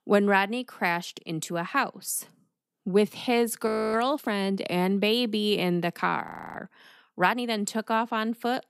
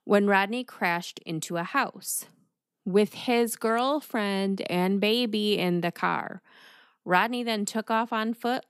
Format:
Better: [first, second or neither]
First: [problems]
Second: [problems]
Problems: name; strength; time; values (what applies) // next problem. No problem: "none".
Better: second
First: audio freezing; at 3.5 s and at 6 s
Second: none